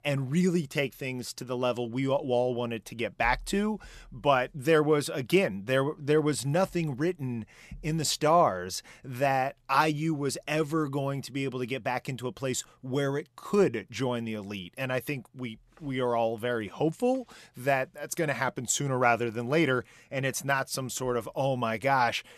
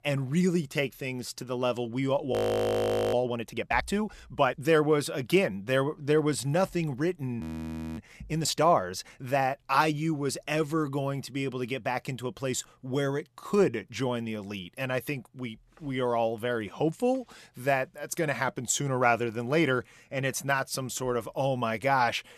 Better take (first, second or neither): first